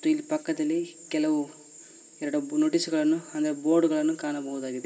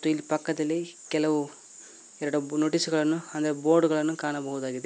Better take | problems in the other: second | room echo; dies away in 2.1 s

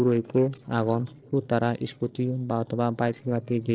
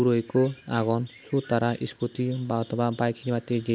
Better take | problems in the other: second | noise reduction (neural separator model SepFormer DNS4)

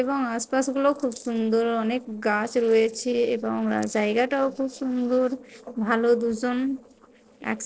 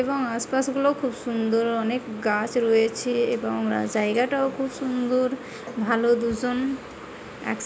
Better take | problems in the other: second | noise reduction (neural separator model SepFormer DNS4)

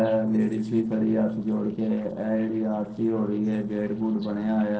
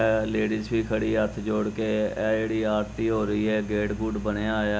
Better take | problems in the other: second | noise reduction (neural separator model SepFormer DNS4)

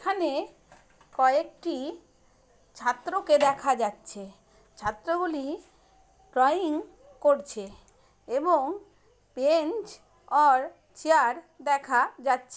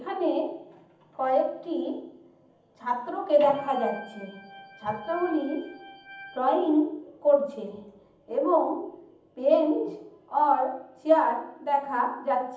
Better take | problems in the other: first | background sound (Organ); 19 dB below the speech // room echo; dies away in 0.8 s

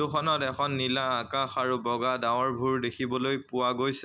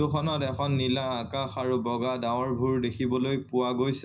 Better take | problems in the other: first | room echo; dies away in 0.4 s

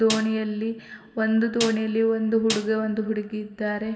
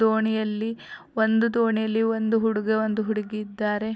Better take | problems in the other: second | background sound (Snare drum); 11 dB below the speech // room echo; dies away in 1.4 s

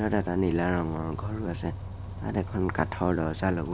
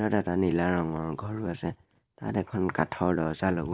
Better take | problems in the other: second | background sound (Bus); 8 dB below the speech

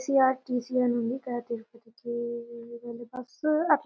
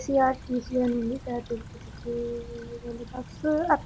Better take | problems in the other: first | background sound (Stream / Trickle, dribble); 14 dB below the speech

